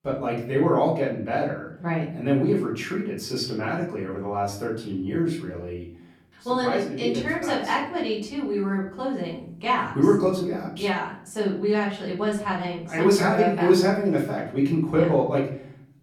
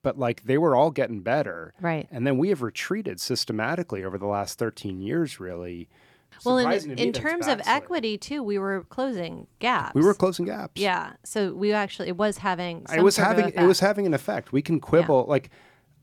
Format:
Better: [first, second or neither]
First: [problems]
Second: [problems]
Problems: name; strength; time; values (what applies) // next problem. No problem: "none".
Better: second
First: off-mic speech; far // room echo; slight; dies away in 0.6 s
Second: none